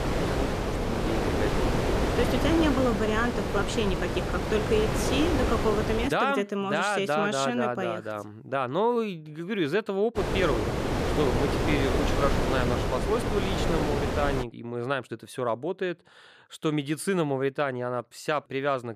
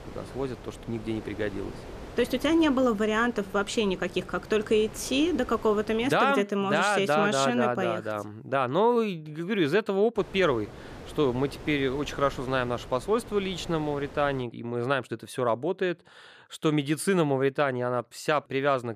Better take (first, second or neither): second